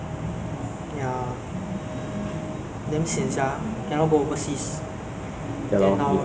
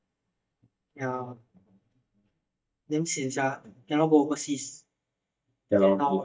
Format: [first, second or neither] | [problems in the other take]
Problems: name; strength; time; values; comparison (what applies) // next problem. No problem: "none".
first | noise reduction (neural mask model DeepFilterNet 3)